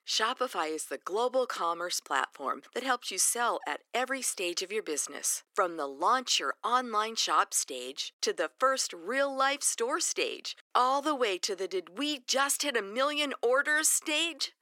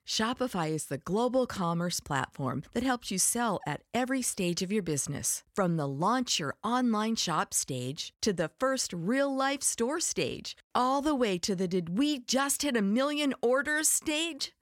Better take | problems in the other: second | thin; somewhat; fading below 350 Hz

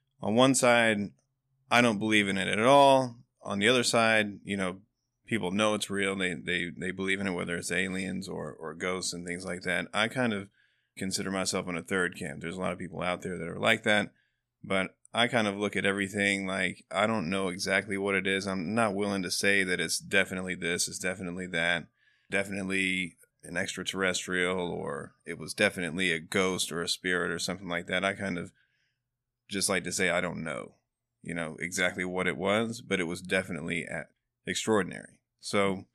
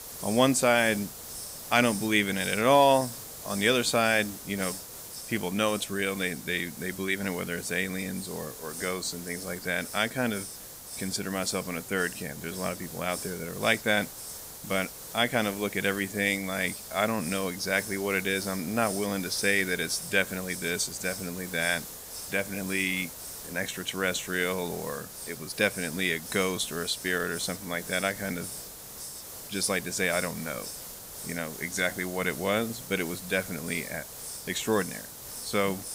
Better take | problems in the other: first | hiss; loud; throughout; 10 dB below the speech

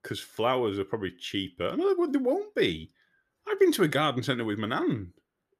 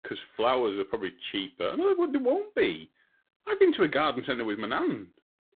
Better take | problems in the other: first | phone-call audio; poor line

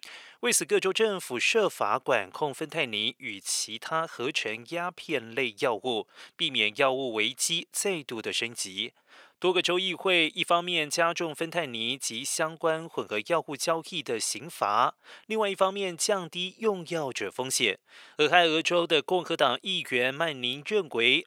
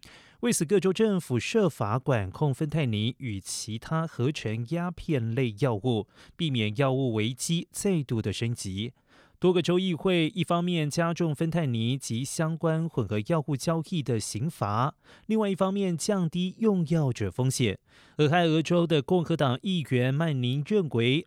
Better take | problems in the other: second | thin; very; fading below 500 Hz

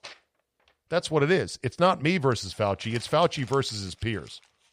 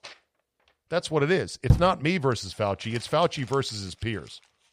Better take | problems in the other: first | door banging; loud; at 1.5 s; peak 2 dB above the speech

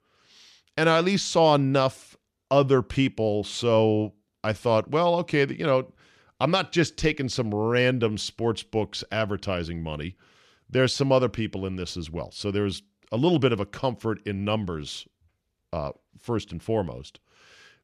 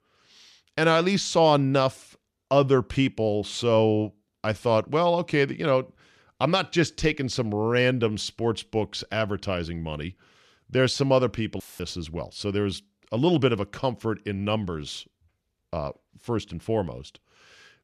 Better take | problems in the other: first | audio cutting out; filled with static; at 12 s

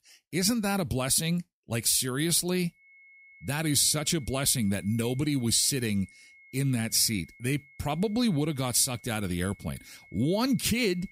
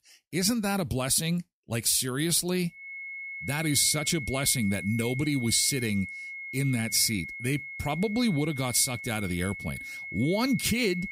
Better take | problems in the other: first | high-pitched whine; loud; from 3 s on; 2 kHz, 10 dB below the speech; faint in the first

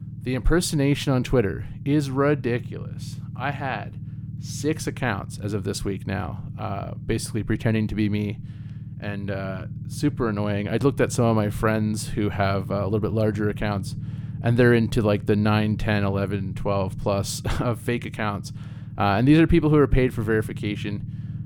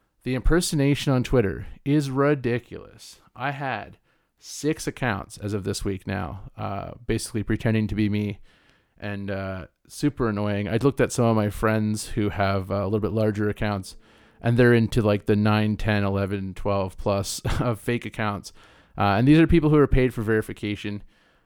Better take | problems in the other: second | low rumble; noticeable; throughout; 20 dB below the speech

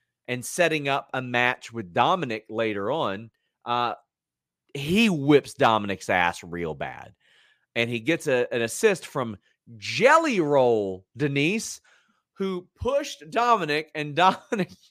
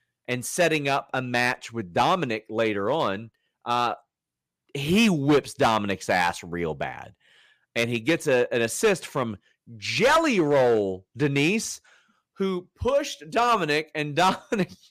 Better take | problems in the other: first | distortion; slight; 4% of the sound clipped

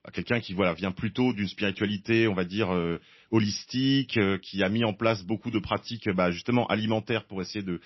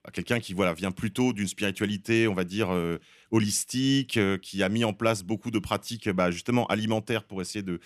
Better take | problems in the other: second | garbled, watery; slightly; nothing above 6 kHz

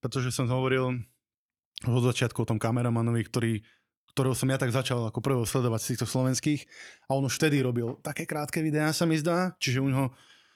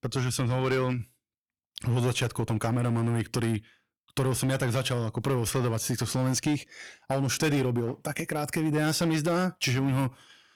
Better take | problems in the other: first | distortion; slight; 9% of the sound clipped

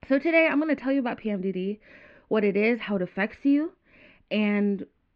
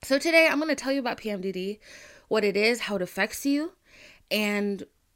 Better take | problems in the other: second | muffled; very; fading above 3 kHz

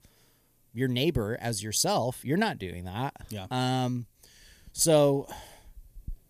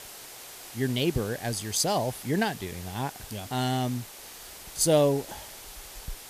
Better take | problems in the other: first | hiss; noticeable; throughout; 15 dB below the speech

